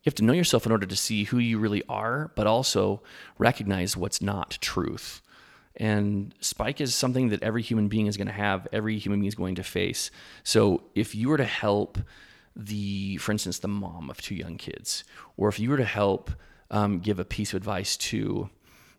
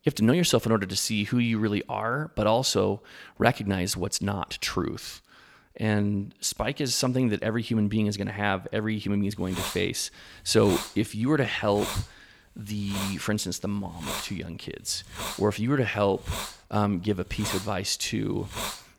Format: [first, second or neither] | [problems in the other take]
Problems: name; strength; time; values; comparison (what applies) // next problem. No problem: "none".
first | hiss; loud; from 9 s on; 9 dB below the speech